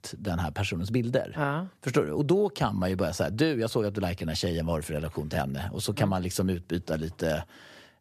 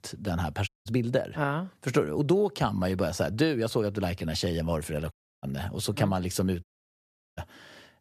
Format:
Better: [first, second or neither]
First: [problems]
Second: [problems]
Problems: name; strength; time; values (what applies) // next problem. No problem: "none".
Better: first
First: none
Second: audio cutting out; at 0.5 s, at 5 s and at 6.5 s for 0.5 s